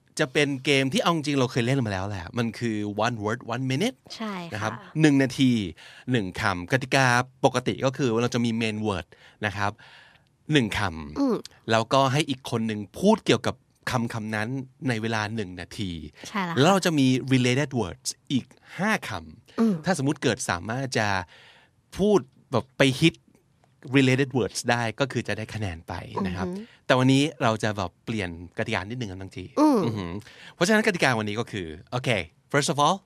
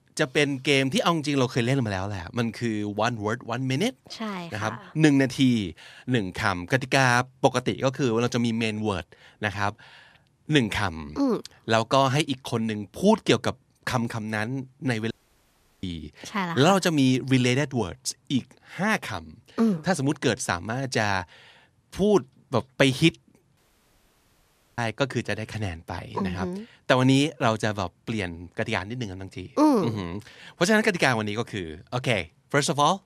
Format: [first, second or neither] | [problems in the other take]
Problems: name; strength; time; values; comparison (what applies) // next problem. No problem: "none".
first | audio cutting out; at 15 s for 0.5 s and at 24 s for 1 s